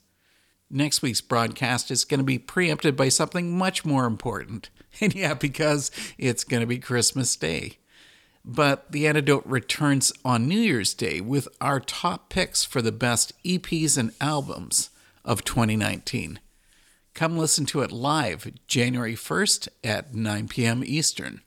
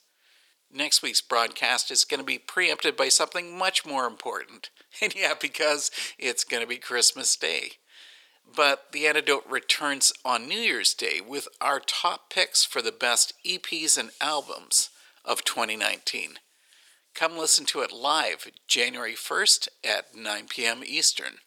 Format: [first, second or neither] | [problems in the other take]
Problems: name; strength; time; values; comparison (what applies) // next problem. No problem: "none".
first | thin; very; fading below 450 Hz